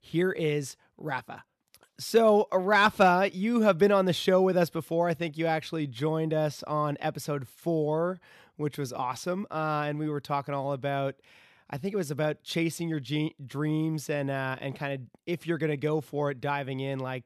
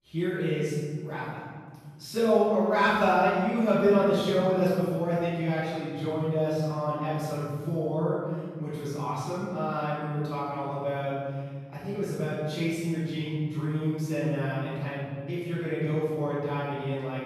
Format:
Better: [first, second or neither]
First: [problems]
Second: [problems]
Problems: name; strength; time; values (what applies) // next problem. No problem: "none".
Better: first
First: none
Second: room echo; strong; dies away in 2.1 s // off-mic speech; far